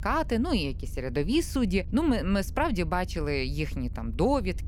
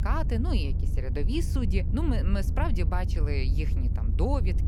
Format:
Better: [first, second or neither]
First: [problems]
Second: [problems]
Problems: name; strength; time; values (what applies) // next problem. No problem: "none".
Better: first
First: low rumble; faint; throughout; 25 dB below the speech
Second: low rumble; loud; throughout; 9 dB below the speech